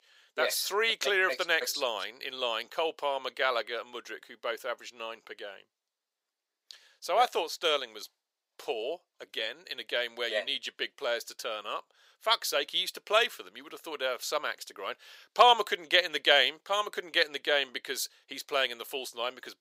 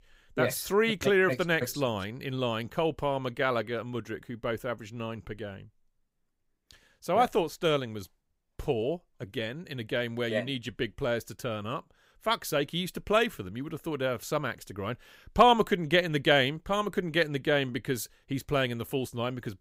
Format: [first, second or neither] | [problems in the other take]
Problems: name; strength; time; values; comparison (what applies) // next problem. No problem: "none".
second | thin; very; fading below 500 Hz